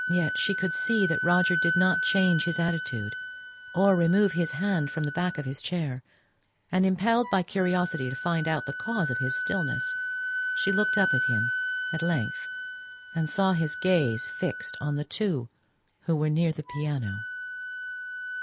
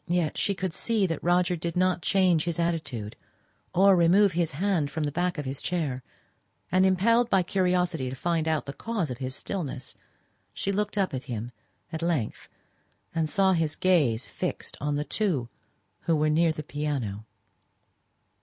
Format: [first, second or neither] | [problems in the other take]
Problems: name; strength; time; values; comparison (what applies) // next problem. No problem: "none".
second | background sound (Wind instrument, woodwind instrument); 4 dB below the speech